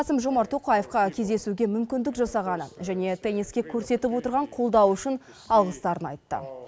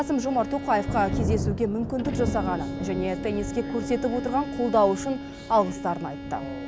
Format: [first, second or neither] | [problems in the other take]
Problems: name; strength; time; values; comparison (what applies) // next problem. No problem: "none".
first | background sound (Bowed string instrument + Thunder); 5 dB below the speech